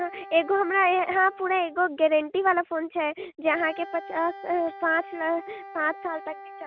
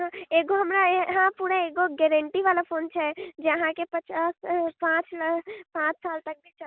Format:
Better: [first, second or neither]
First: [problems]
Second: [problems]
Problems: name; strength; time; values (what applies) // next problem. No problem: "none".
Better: second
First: background sound (Wind instrument, woodwind instrument); 17 dB below the speech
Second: none